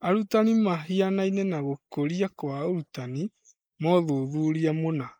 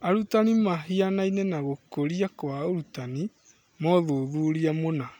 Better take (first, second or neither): second